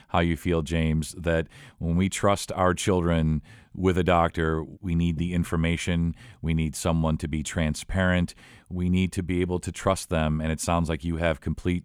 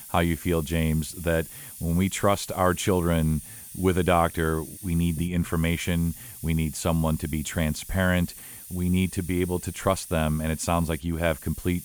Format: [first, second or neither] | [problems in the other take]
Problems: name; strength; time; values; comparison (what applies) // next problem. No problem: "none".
first | hiss; noticeable; throughout; 15 dB below the speech